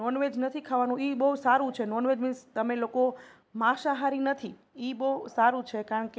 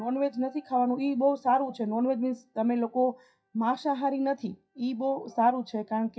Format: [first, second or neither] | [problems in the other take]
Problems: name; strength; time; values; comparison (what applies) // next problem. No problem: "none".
first | noise reduction (classical method WPE with log-MMSE)